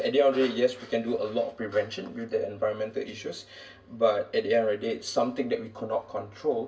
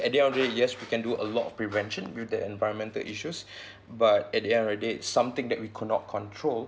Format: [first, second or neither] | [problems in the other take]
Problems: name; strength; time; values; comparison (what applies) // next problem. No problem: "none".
second | room echo; dies away in 0.1 s